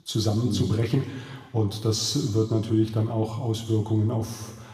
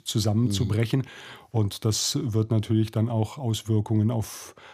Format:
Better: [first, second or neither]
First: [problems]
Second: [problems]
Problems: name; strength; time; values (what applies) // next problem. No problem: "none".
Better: second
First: room echo; slight; dies away in 1.1 s // off-mic speech; somewhat distant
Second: none